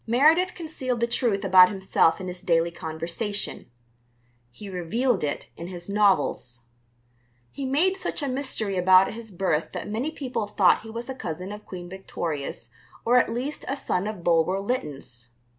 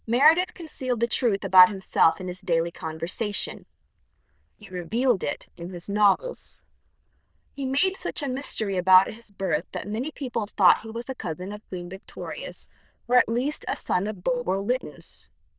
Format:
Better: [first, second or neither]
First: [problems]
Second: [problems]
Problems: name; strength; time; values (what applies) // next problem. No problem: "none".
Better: first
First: none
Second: noise reduction (neural diffusion model UNIVERSE++)